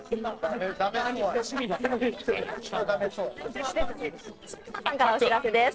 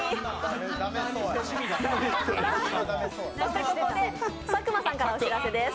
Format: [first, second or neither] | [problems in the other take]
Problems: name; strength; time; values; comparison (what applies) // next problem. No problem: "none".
second | noise reduction (neural separator model SepFormer DNS4)